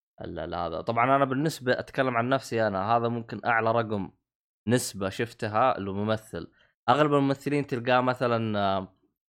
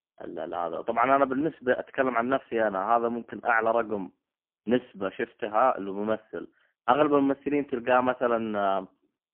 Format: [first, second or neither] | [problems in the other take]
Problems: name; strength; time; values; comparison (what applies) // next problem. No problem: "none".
first | phone-call audio; poor line; nothing above 3 kHz